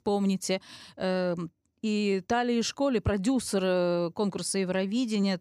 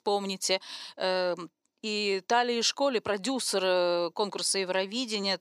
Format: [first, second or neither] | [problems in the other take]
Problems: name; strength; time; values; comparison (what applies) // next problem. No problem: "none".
first | thin; somewhat; fading below 400 Hz